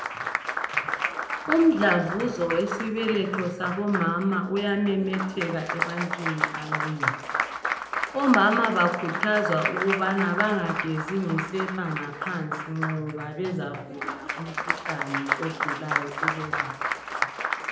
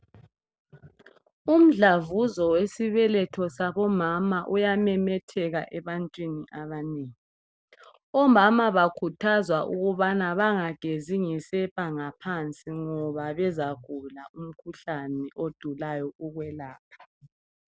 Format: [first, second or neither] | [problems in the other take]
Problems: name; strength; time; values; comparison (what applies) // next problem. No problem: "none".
second | background sound (Applause); 3 dB below the speech // room echo; dies away in 0.7 s